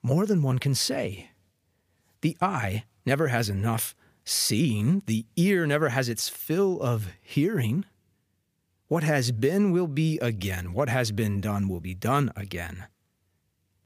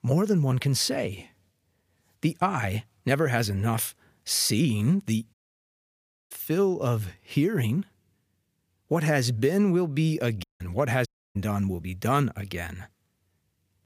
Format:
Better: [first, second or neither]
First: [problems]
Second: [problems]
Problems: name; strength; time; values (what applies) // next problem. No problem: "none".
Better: first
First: none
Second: audio cutting out; at 5.5 s for 1 s, at 10 s and at 11 s